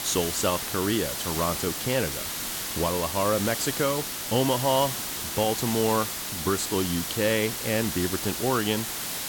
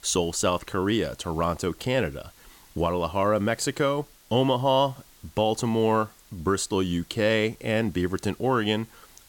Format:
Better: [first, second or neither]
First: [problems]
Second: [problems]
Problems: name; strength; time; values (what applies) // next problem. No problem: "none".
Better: second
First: hiss; loud; throughout; 2 dB below the speech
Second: hiss; faint; throughout; 25 dB below the speech